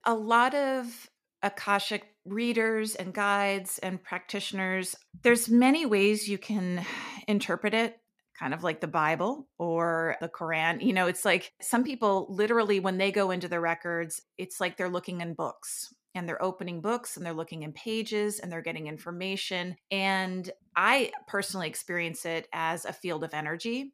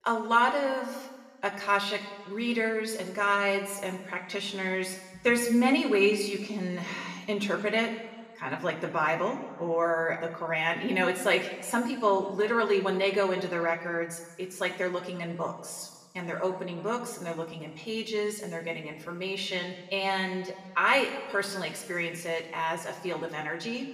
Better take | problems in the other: first | room echo; slight; dies away in 1.4 s // off-mic speech; somewhat distant

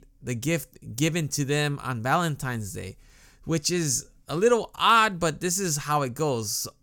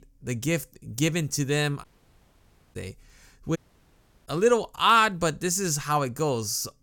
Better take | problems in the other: first | audio cutting out; at 2 s for 1 s and at 3.5 s for 0.5 s

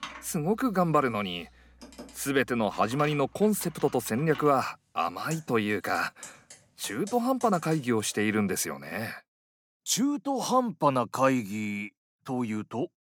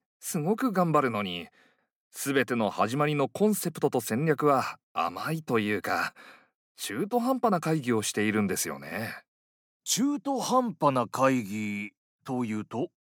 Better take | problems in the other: second | household noises; noticeable; until 8 s; 20 dB below the speech

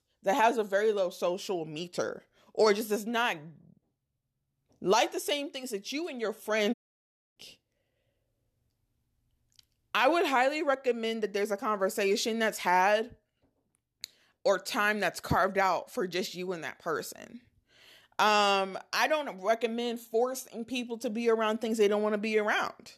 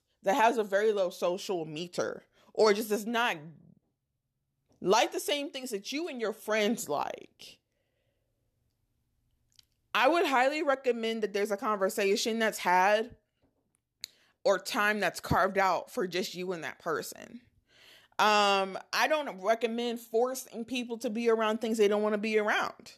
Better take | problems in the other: second | audio cutting out; at 6.5 s for 0.5 s

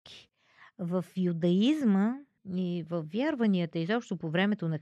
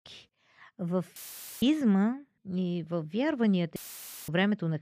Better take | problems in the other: first | audio cutting out; filled with static; at 1 s and at 4 s for 0.5 s

